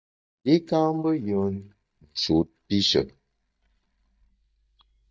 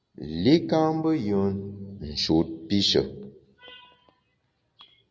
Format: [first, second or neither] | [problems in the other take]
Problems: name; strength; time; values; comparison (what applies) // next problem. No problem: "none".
second | noise reduction (neural mask model DeepFilterNet 3)